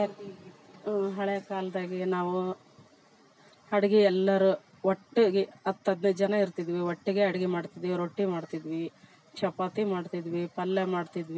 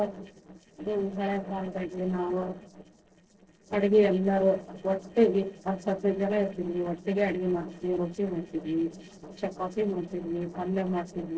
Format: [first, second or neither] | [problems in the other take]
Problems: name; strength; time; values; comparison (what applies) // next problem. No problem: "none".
first | noise reduction (neural separator model SepFormer DNS4)